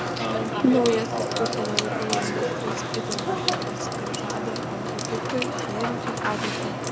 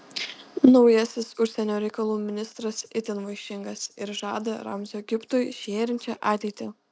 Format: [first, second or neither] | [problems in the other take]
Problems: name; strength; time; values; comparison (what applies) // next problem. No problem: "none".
second | background sound (Sink (filling or washing) / Water tap, faucet / Water); 2 dB above the speech